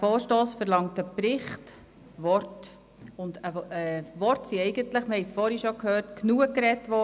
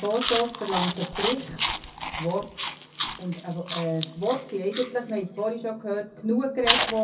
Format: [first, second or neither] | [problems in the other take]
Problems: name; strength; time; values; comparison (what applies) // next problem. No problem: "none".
first | background sound (Chewing, mastication); 4 dB below the speech // room echo; dies away in 0.3 s